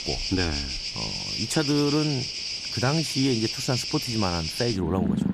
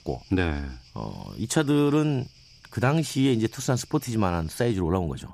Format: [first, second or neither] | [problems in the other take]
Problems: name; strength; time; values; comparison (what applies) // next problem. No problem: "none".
second | animal sounds; loud; throughout; 2 dB below the speech; faint in the second